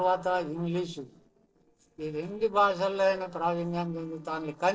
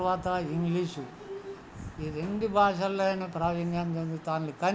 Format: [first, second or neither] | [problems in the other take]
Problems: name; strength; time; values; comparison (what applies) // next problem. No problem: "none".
second | noise reduction (neural separator model SepFormer DNS4)